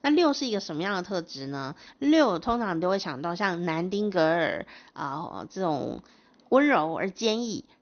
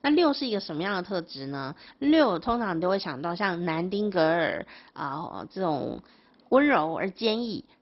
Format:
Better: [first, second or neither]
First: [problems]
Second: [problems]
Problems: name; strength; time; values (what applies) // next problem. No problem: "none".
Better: first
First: garbled, watery; slightly; nothing above 6.5 kHz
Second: garbled, watery; badly; nothing above 5.5 kHz